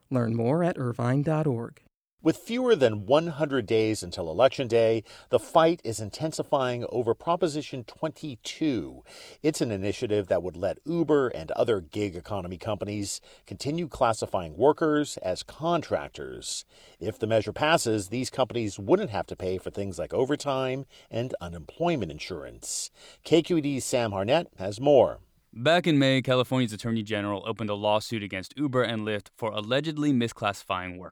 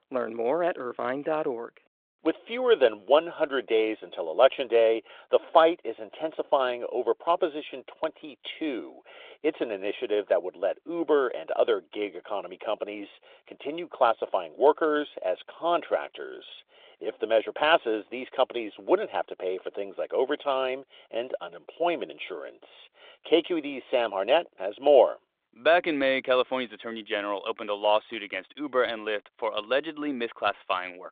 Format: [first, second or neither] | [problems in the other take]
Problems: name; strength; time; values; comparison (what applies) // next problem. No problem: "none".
first | phone-call audio